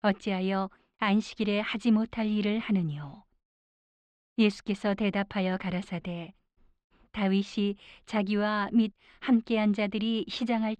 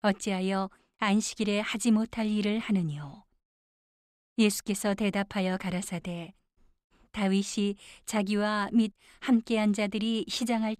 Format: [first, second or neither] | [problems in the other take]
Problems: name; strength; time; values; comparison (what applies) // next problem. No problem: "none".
second | muffled; slightly; fading above 4 kHz